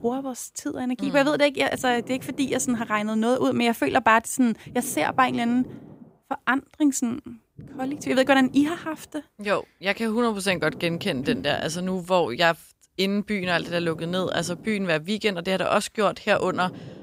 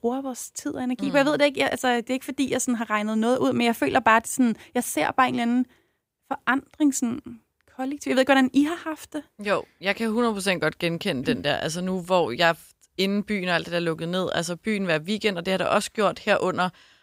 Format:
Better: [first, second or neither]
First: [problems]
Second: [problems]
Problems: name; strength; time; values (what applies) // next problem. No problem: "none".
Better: second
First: low rumble; faint; throughout; 20 dB below the speech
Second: none